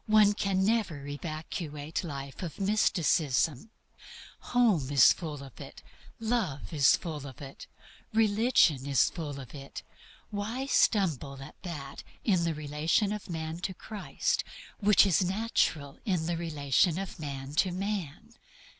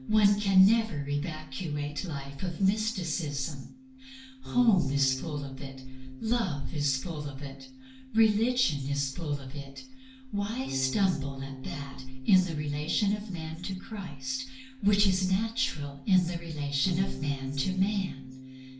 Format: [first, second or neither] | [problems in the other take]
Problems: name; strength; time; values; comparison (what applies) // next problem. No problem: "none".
first | background sound (Bass guitar); 15 dB below the speech // room echo; dies away in 0.4 s